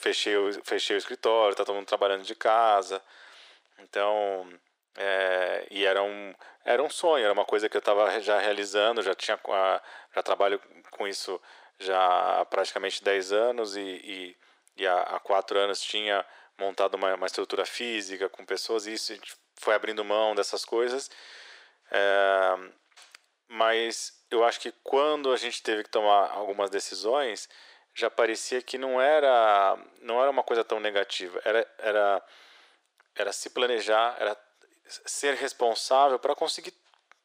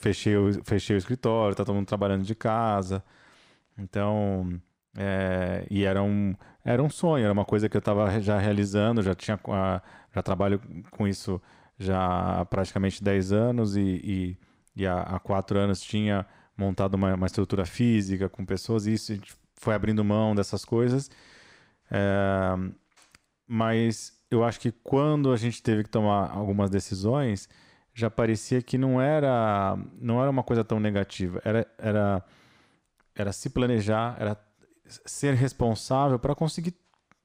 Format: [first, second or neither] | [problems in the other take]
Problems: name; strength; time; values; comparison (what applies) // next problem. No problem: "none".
second | thin; very; fading below 400 Hz